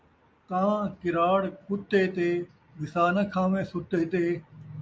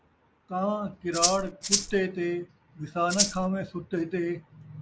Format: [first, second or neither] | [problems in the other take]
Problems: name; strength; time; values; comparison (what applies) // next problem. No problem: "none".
first | background sound (Rattle (instrument)); 2 dB above the speech